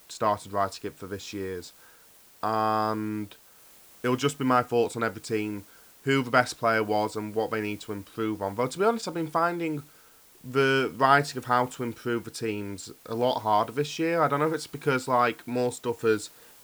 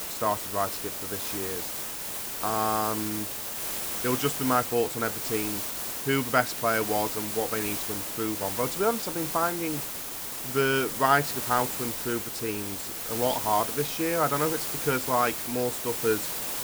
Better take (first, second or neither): first